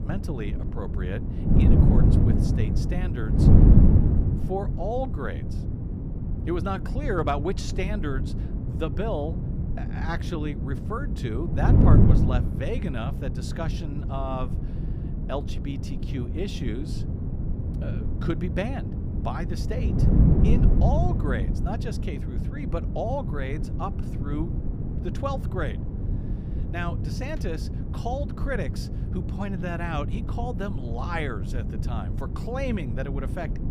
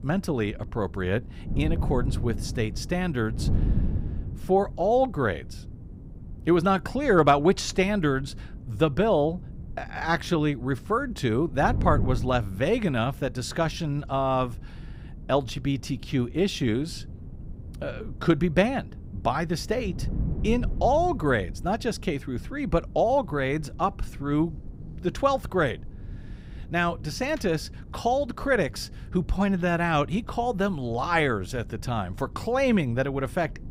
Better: second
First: wind noise on the microphone; heavy; 3 dB below the speech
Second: wind noise on the microphone; occasional gusts; 20 dB below the speech

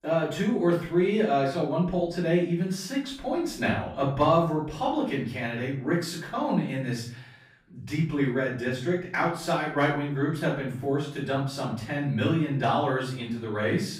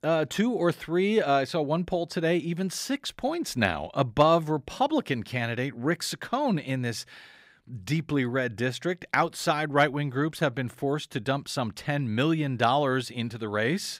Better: second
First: off-mic speech; far // room echo; noticeable; dies away in 0.5 s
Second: none

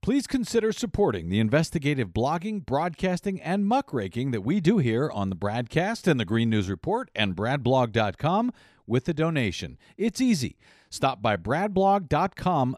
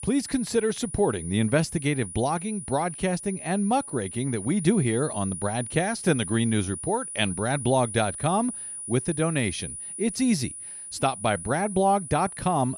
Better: first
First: none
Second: high-pitched whine; loud; throughout; 9.5 kHz, 9 dB below the speech

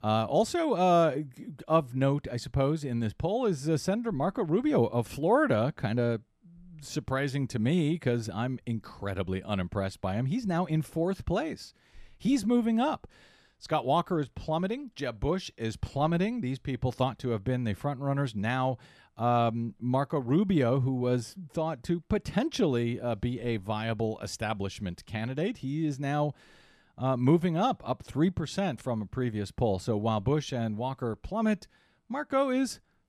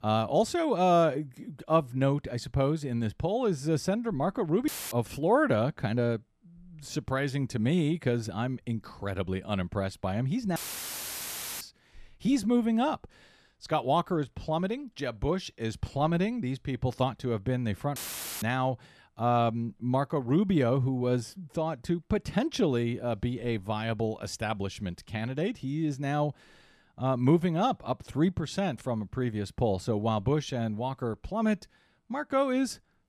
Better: first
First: none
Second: audio cutting out; filled with static; at 4.5 s, at 11 s for 1 s and at 18 s

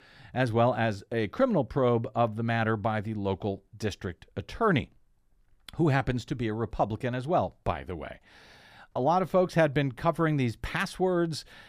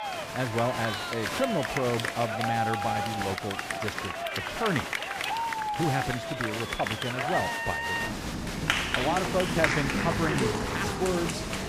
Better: first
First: none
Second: crowd noise; very loud; throughout; 2 dB above the speech

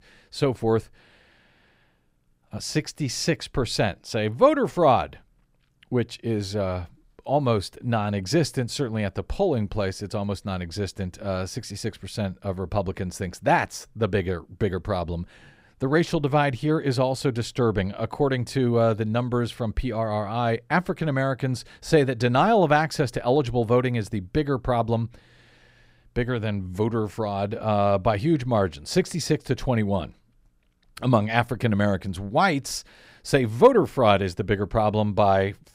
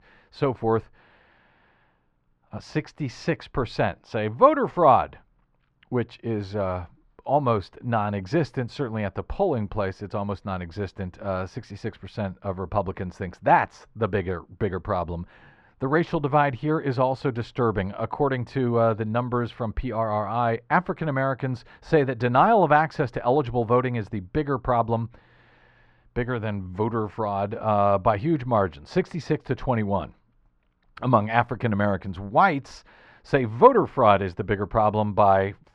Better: first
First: none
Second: muffled; slightly; fading above 3 kHz

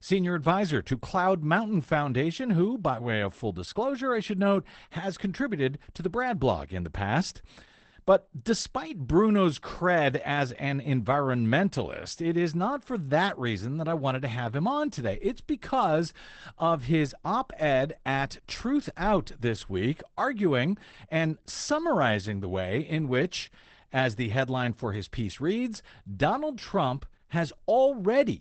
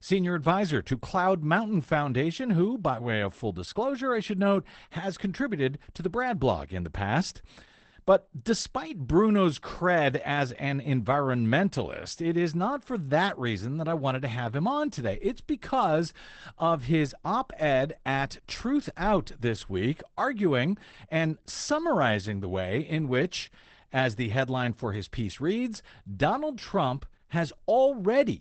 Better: neither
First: garbled, watery; badly; nothing above 8 kHz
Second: garbled, watery; badly; nothing above 8 kHz

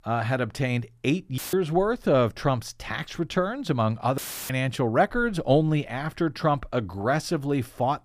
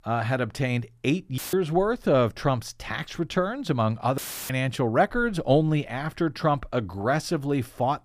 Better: neither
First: audio cutting out; filled with static; at 1.5 s and at 4 s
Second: audio cutting out; filled with static; at 1.5 s and at 4 s

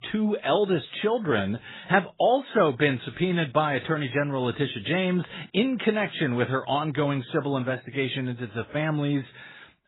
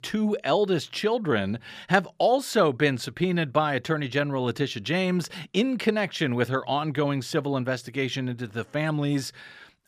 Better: second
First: garbled, watery; badly; nothing above 4 kHz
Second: none

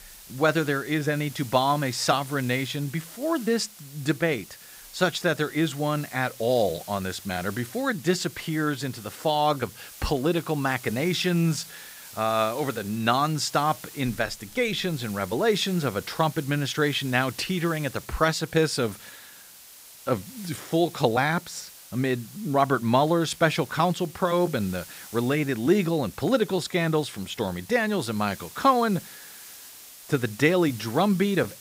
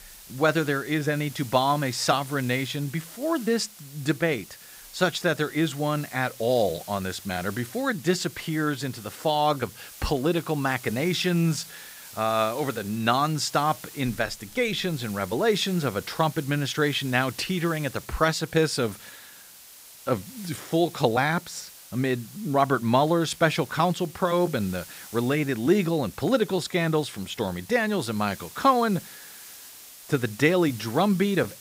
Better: neither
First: hiss; noticeable; throughout; 15 dB below the speech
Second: hiss; noticeable; throughout; 15 dB below the speech

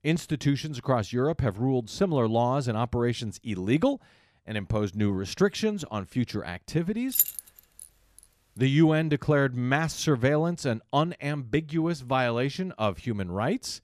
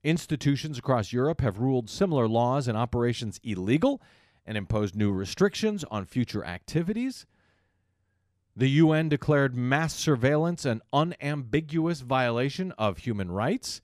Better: second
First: jangling keys; loud; at 7 s; peak 3 dB above the speech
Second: none

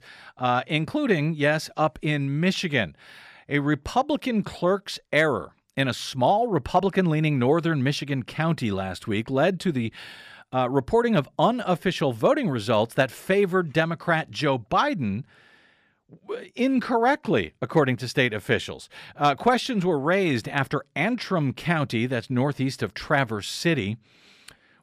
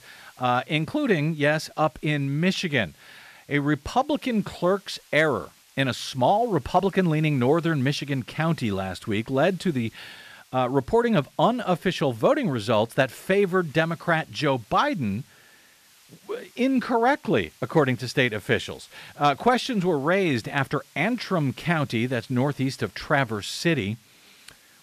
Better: first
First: none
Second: hiss; faint; throughout; 30 dB below the speech

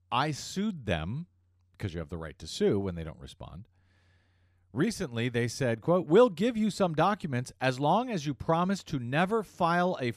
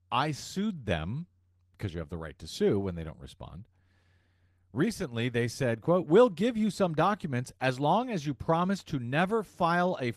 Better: first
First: none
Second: garbled, watery; slightly; nothing above 14.5 kHz

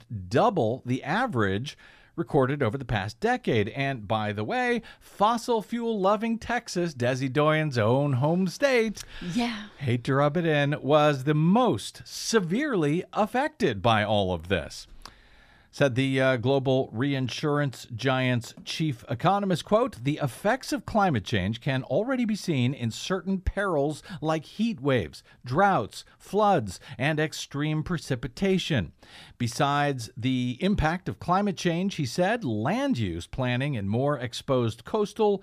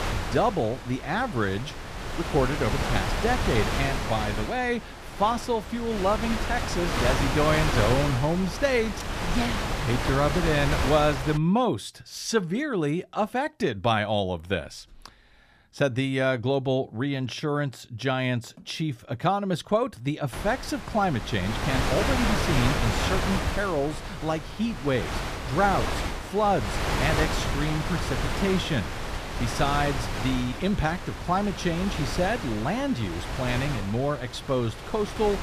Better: first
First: none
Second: wind noise on the microphone; heavy; until 11 s and from 20 s on; 3 dB below the speech

